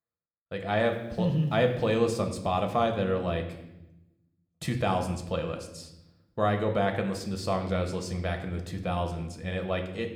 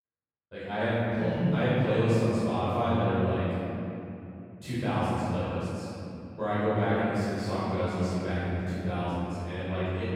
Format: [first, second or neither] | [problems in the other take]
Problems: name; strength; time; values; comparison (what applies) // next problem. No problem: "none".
first | room echo; strong; dies away in 3 s; slight in the first // off-mic speech; far